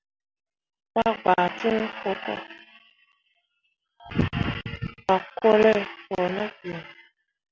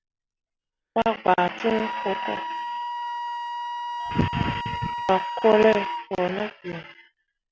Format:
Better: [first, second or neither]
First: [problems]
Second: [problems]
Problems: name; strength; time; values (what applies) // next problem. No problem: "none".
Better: first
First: none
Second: background sound (Wind instrument, woodwind instrument); 7 dB below the speech